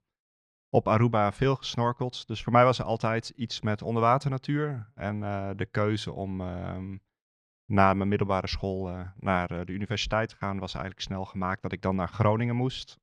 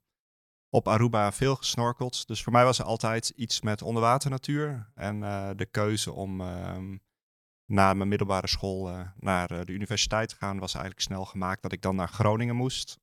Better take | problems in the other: second | muffled; slightly; fading above 3 kHz

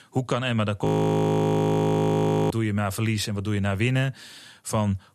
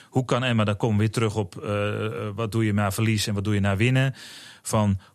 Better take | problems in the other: second | audio freezing; at 1 s for 1.5 s

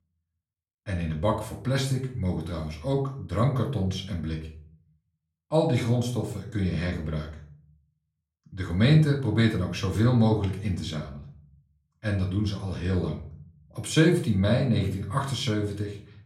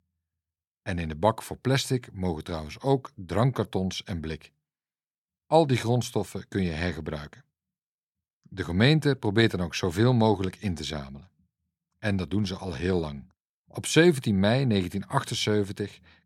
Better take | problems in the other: second | room echo; slight; dies away in 0.4 s // off-mic speech; far

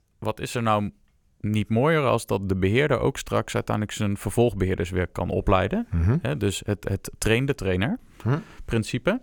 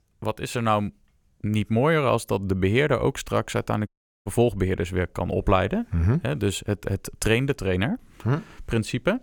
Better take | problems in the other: first | audio cutting out; at 4 s

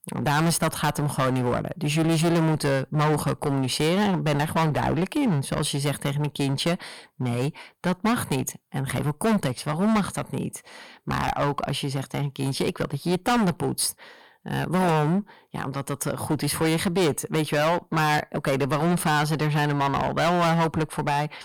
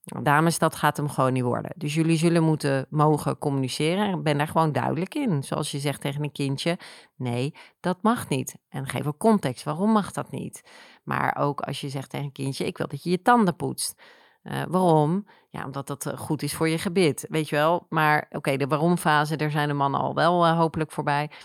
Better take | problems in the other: second | distortion; heavy; 14% of the sound clipped

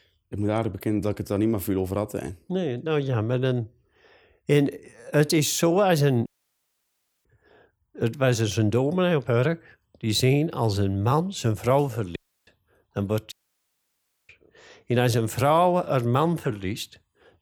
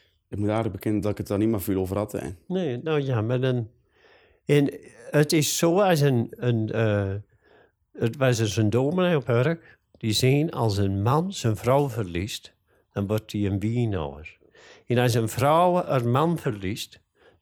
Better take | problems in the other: second | audio cutting out; at 6.5 s for 1 s, at 12 s and at 13 s for 1 s

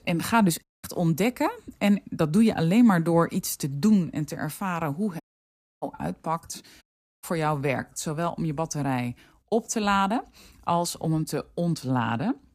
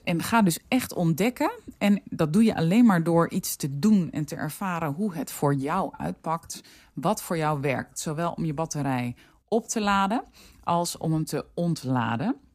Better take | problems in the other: second | audio cutting out; at 0.5 s, at 5 s for 0.5 s and at 7 s

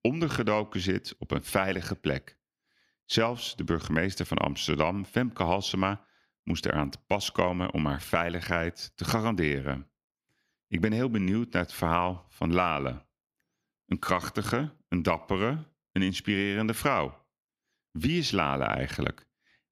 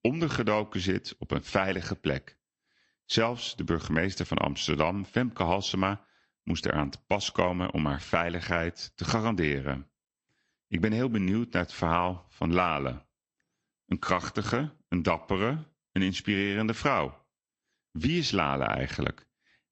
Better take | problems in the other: first | garbled, watery; slightly; nothing above 7 kHz

